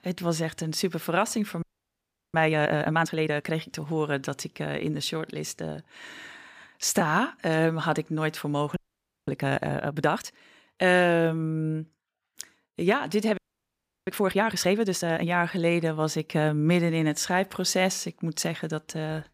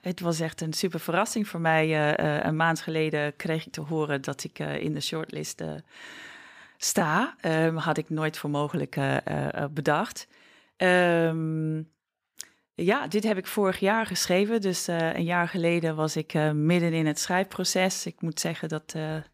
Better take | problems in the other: second | audio freezing; at 1.5 s for 0.5 s, at 9 s for 0.5 s and at 13 s for 0.5 s

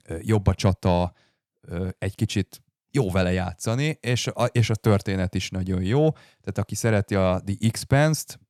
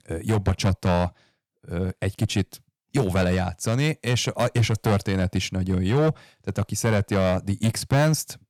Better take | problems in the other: first | distortion; slight; 6% of the sound clipped

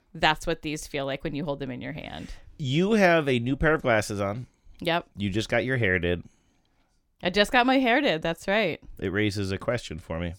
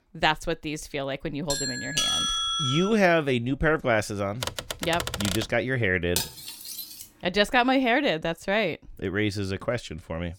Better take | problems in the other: first | doorbell; loud; from 1.5 to 3 s; peak 4 dB above the speech // keyboard typing; noticeable; from 4.5 to 5.5 s; peak 3 dB below the speech // clattering dishes; noticeable; at 6 s; peak 3 dB below the speech

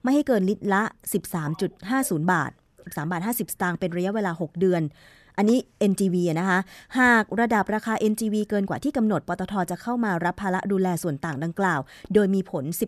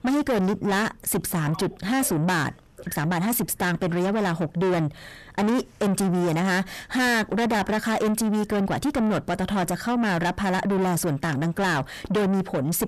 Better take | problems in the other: first | distortion; heavy; 6 dB below the speech

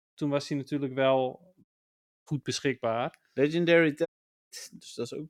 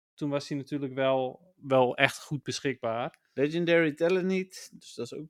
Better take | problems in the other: second | audio cutting out; at 1.5 s for 0.5 s and at 4 s

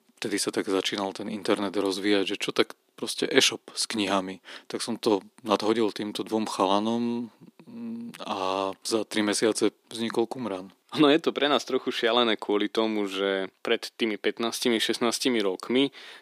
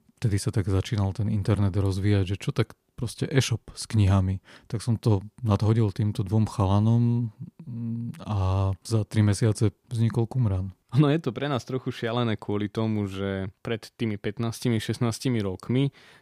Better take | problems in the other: second | thin; somewhat; fading below 300 Hz

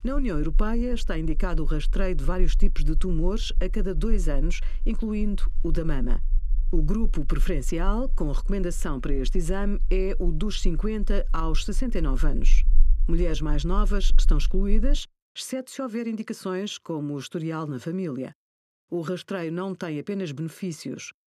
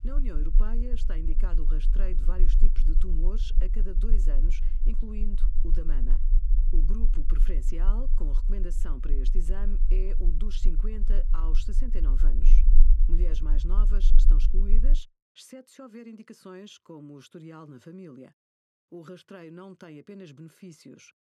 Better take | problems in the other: first | low rumble; loud; until 15 s; 9 dB below the speech; faint in the first

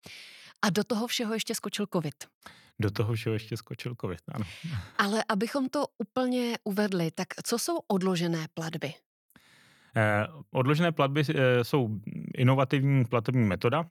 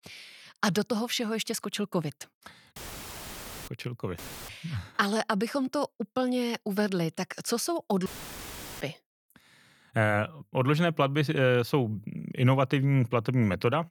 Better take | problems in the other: first | audio cutting out; filled with static; at 3 s for 1 s, at 4 s and at 8 s for 1 s

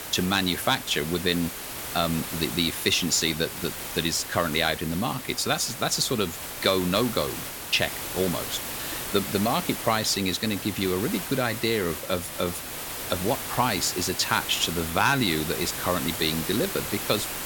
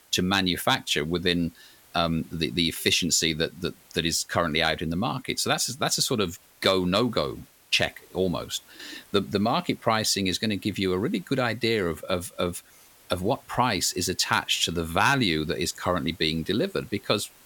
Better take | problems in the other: second | hiss; loud; throughout; 6 dB below the speech; faint in the second

